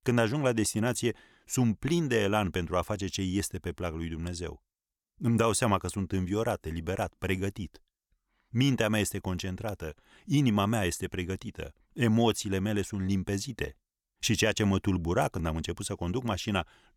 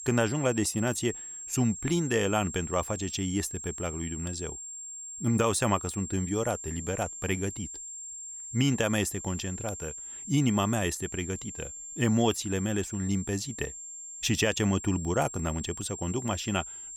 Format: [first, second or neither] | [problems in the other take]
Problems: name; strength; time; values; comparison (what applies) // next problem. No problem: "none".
first | high-pitched whine; loud; throughout; 7.5 kHz, 9 dB below the speech